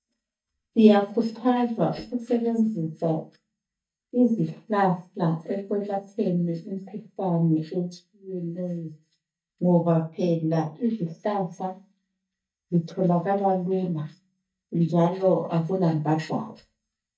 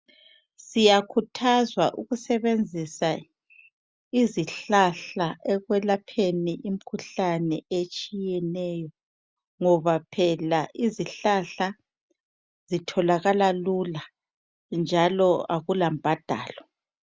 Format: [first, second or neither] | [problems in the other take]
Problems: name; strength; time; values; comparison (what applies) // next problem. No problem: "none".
second | noise reduction (neural mask model DeepFilterNet 3)